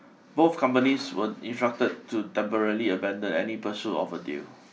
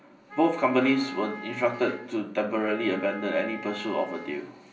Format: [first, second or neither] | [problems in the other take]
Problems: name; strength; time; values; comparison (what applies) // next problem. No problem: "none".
first | background sound (Wind instrument, woodwind instrument); 15 dB below the speech // room echo; dies away in 0.5 s